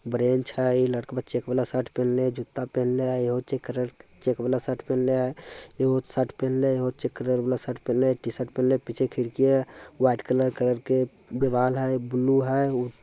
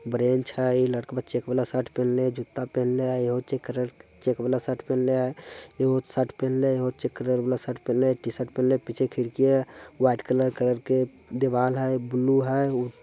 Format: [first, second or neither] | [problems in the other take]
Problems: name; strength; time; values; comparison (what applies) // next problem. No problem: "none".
second | noise reduction (neural mask model Resemble Enhance denoiser)